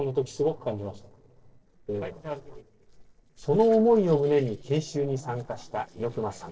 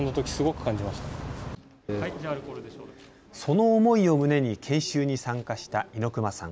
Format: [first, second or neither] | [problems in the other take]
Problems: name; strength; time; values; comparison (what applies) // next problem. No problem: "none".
second | noise reduction (neural separator model SepFormer DNS4)